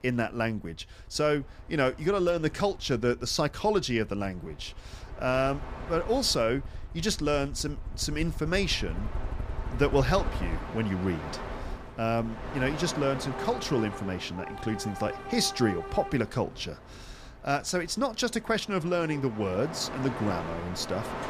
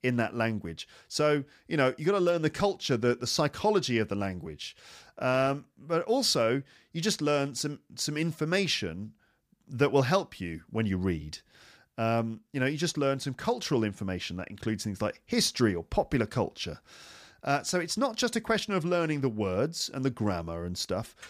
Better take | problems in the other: second | train or aircraft noise; loud; throughout; 10 dB below the speech

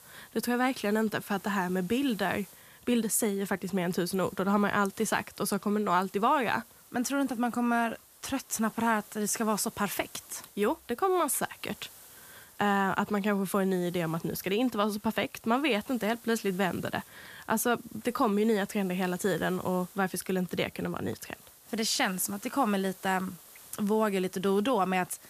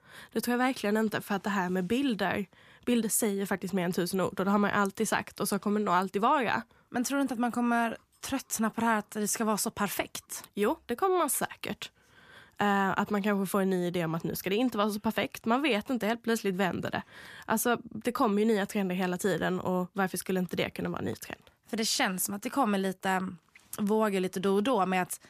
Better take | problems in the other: second | hiss; faint; throughout; 20 dB below the speech

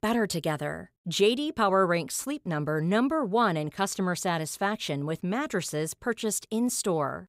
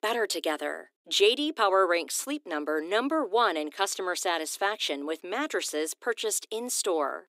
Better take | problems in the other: first | thin; somewhat; fading below 300 Hz

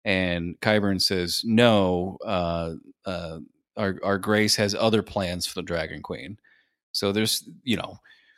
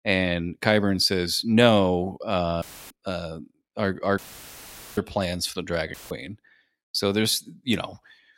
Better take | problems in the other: first | audio cutting out; filled with static; at 2.5 s, at 4 s for 1 s and at 6 s

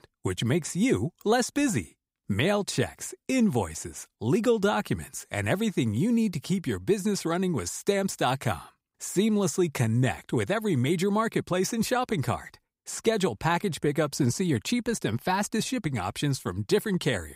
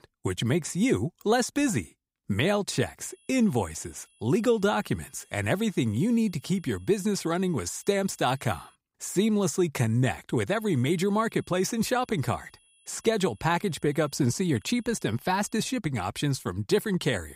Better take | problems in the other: first | high-pitched whine; faint; from 3 to 9 s and from 11 to 16 s; 3.5 kHz, 35 dB below the speech

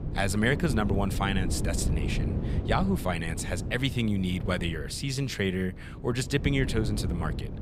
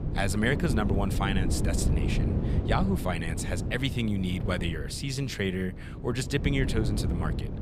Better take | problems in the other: first | wind noise on the microphone; heavy; 8 dB below the speech; occasional gusts in the first

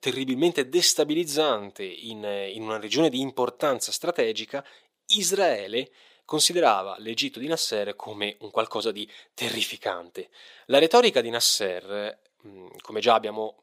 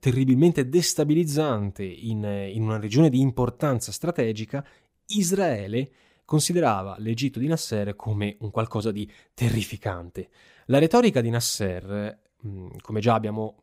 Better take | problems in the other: second | thin; somewhat; fading below 500 Hz

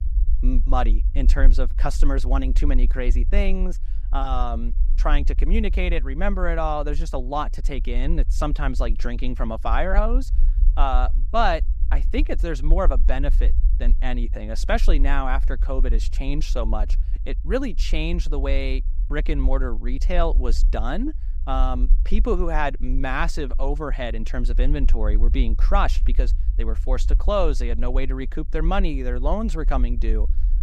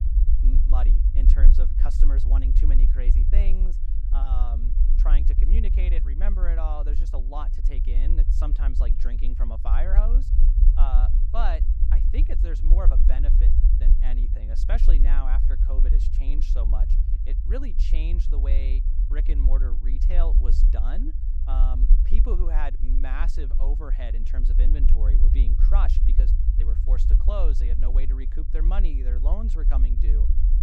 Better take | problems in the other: first | low rumble; loud; throughout; 6 dB below the speech; faint in the first

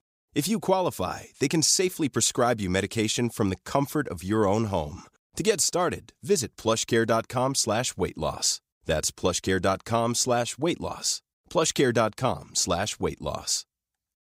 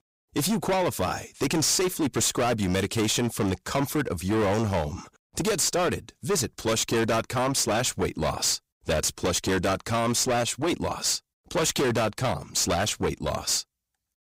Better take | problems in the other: first | distortion; heavy; 20% of the sound clipped

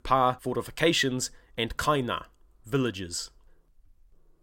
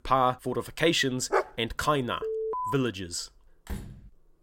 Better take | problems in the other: first | dog barking; noticeable; at 1.5 s; peak 1 dB below the speech // alarm; noticeable; at 2 s; peak 3 dB below the speech // door banging; faint; at 3.5 s; peak 10 dB below the speech

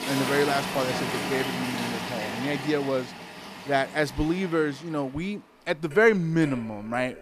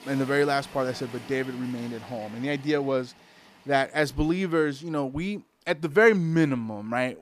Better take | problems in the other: second | household noises; loud; throughout; 5 dB below the speech; faint in the second

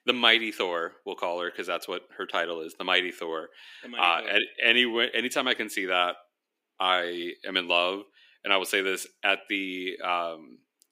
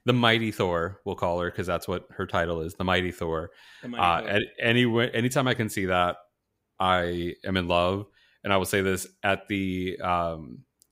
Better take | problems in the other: second | thin; somewhat; fading below 300 Hz

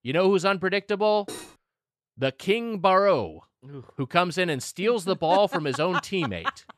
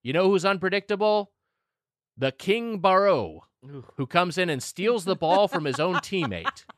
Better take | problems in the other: second | clattering dishes; faint; at 1.5 s; peak 15 dB below the speech

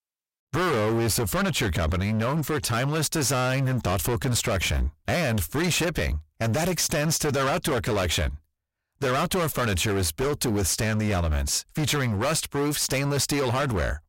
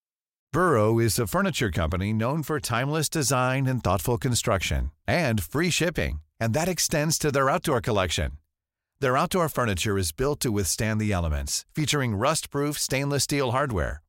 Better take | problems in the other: second | distortion; heavy; 28% of the sound clipped

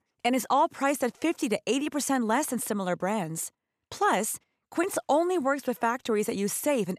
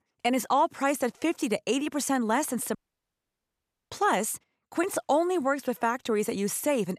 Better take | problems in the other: first | audio cutting out; at 3 s for 1 s

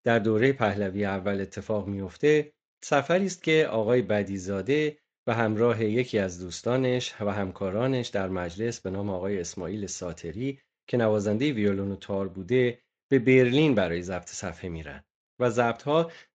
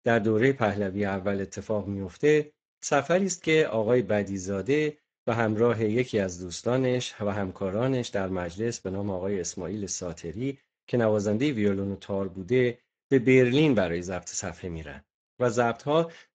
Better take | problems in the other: first | garbled, watery; badly; nothing above 7.5 kHz; slightly in the first

